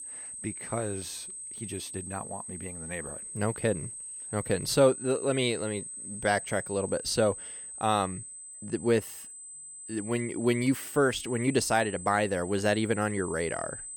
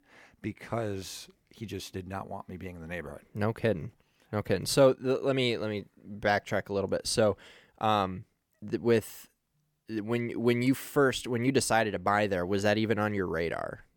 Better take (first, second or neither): second